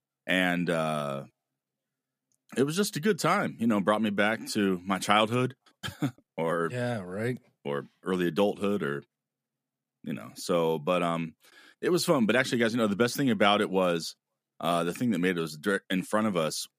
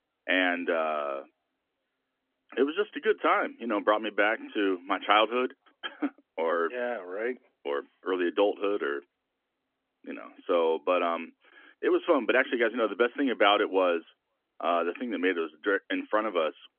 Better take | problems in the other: first | phone-call audio; nothing above 3.5 kHz

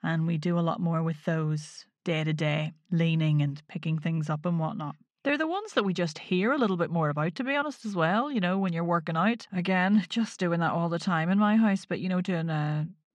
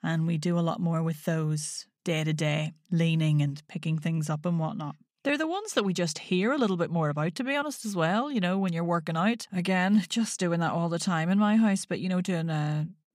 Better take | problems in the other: second | muffled; slightly; fading above 4 kHz

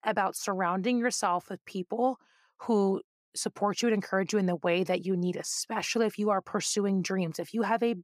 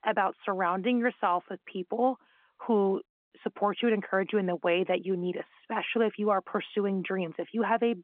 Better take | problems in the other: first | phone-call audio

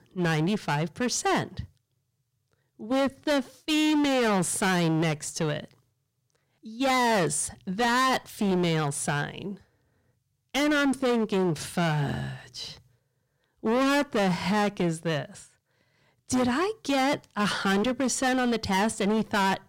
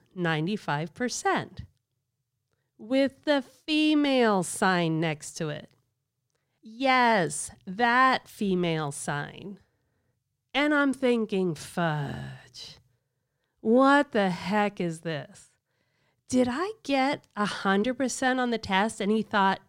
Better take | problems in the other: second | distortion; heavy; 17% of the sound clipped

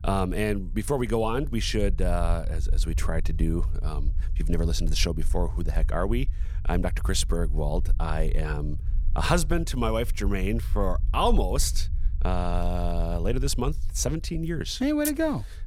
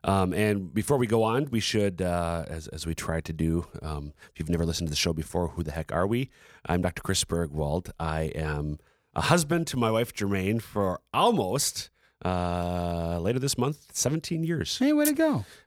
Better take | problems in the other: second | low rumble; faint; throughout; 20 dB below the speech

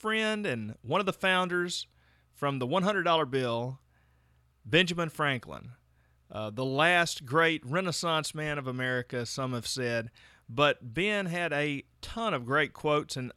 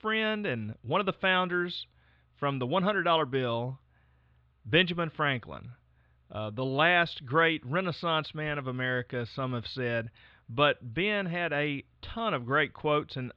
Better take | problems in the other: first | muffled; slightly; fading above 3.5 kHz

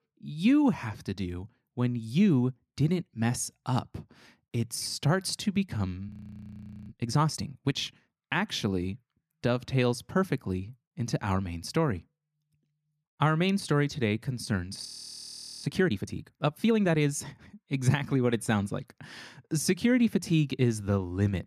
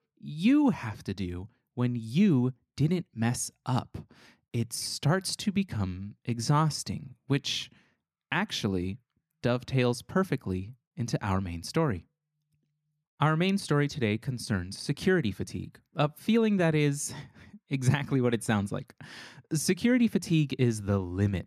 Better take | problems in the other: second | audio freezing; at 6 s for 1 s and at 15 s for 1 s

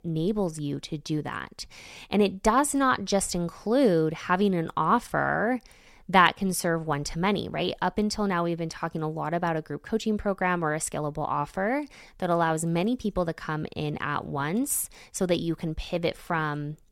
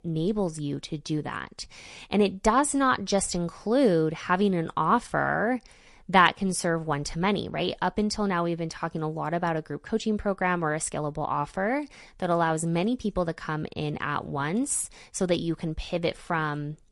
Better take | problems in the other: first | garbled, watery; slightly; nothing above 11 kHz

